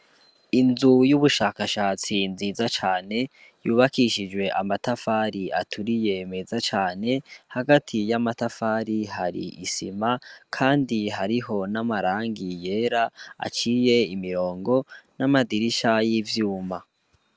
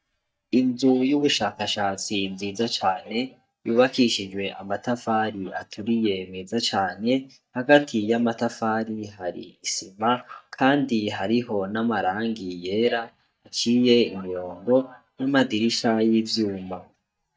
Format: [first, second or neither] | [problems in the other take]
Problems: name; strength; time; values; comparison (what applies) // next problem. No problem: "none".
first | noise reduction (neural mask model DeepFilterNet 3)